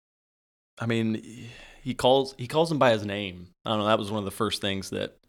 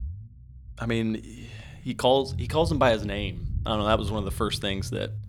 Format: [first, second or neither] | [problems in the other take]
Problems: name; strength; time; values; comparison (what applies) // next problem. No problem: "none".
first | low rumble; faint; throughout; 25 dB below the speech